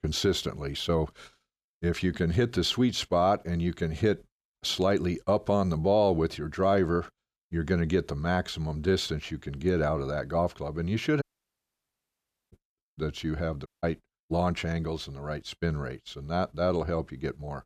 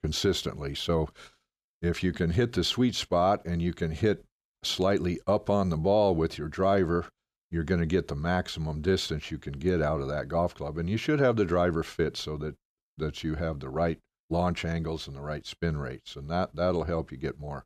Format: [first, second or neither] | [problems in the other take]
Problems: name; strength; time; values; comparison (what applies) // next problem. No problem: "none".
second | audio cutting out; at 11 s for 1.5 s and at 14 s